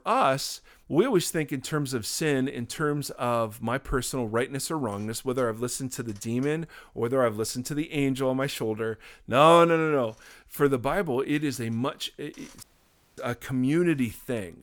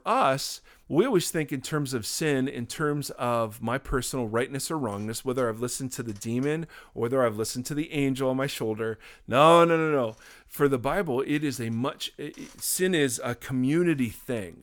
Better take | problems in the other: second | audio cutting out; at 13 s for 0.5 s

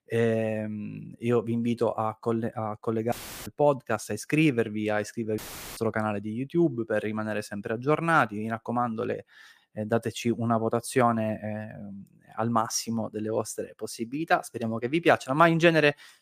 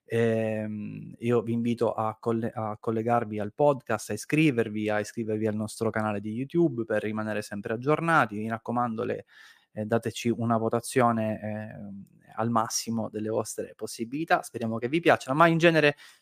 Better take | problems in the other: second | audio cutting out; filled with static; at 3 s and at 5.5 s

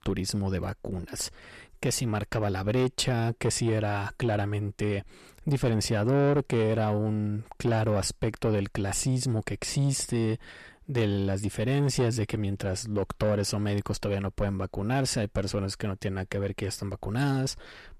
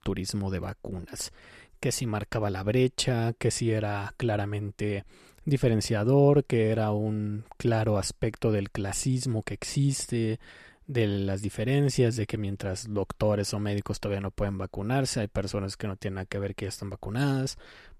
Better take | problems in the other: second | distortion; slight; 10 dB below the speech

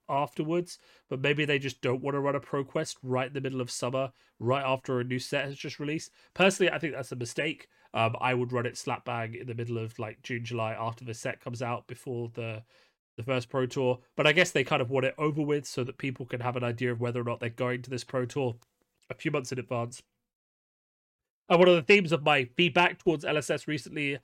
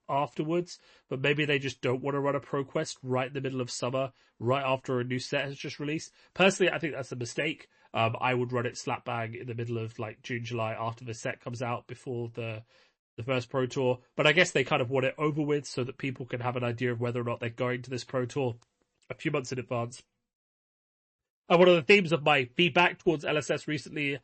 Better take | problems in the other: first | garbled, watery; slightly; nothing above 8 kHz

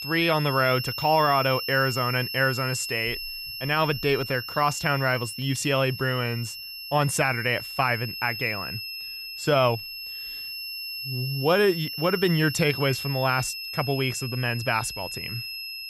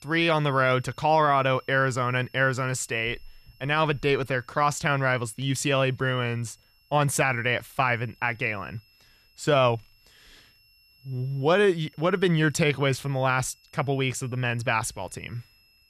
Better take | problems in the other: second | high-pitched whine; loud; throughout; 5.5 kHz, 7 dB below the speech; faint in the second

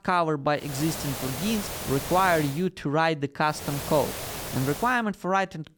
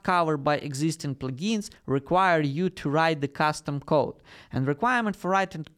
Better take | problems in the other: second | hiss; loud; from 0.5 to 2.5 s and from 3.5 to 5 s; 7 dB below the speech

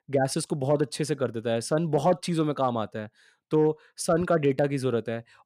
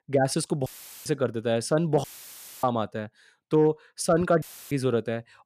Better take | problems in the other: first | audio cutting out; filled with static; at 0.5 s, at 2 s for 0.5 s and at 4.5 s

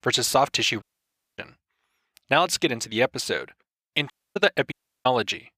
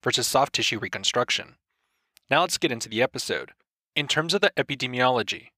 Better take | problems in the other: second | audio cutting out; at 1 s for 0.5 s, at 4 s and at 4.5 s

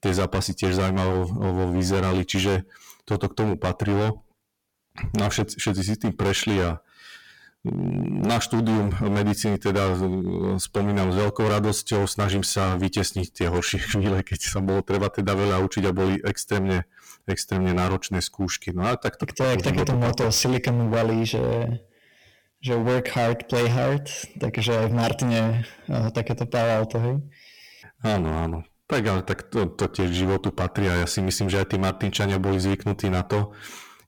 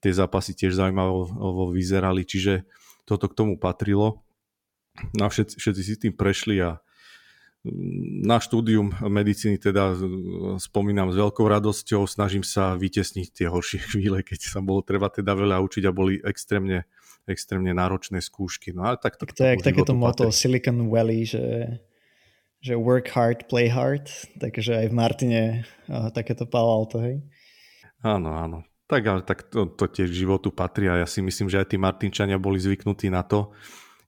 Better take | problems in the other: second | distortion; heavy; 20% of the sound clipped

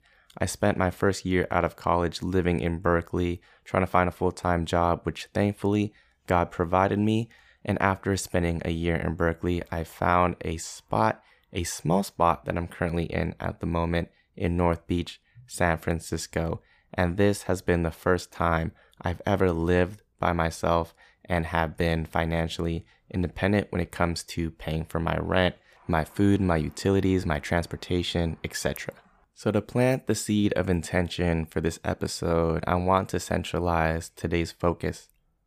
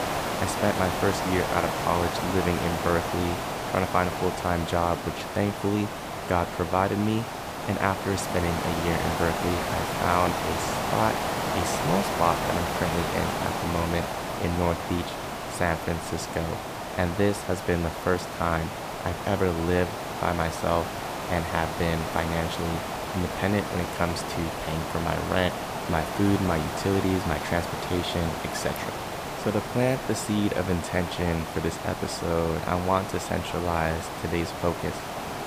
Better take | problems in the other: first | hiss; loud; throughout; 3 dB below the speech

